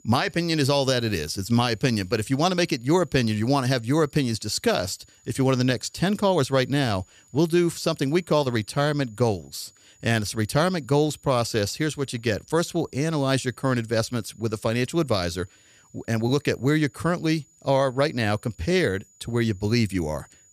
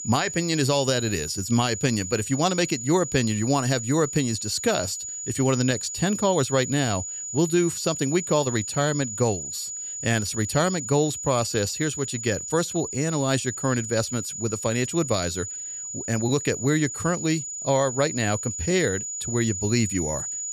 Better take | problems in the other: first | high-pitched whine; loud; throughout; 7 kHz, 6 dB below the speech; faint in the first

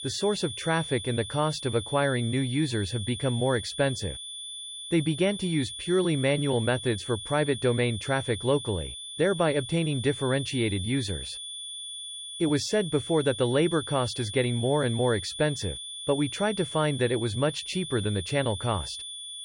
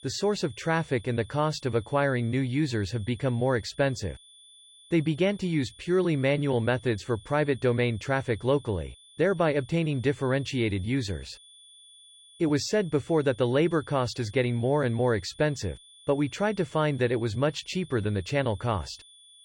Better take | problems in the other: second | high-pitched whine; loud; throughout; 3.5 kHz, 9 dB below the speech; faint in the second

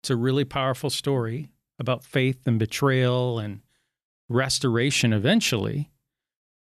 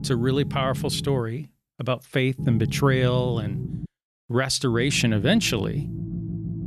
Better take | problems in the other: first | low rumble; noticeable; until 1 s, from 2.5 to 4 s and from 4.5 s on; 15 dB below the speech

